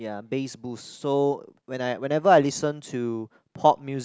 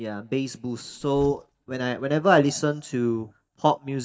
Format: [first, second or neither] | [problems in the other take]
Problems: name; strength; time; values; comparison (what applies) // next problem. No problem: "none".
first | noise reduction (neural mask model DeepFilterNet 3)